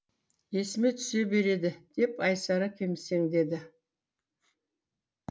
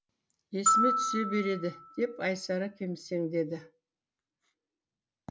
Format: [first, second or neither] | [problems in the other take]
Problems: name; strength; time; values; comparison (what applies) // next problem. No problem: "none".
first | background sound (Glockenspiel); 2 dB above the speech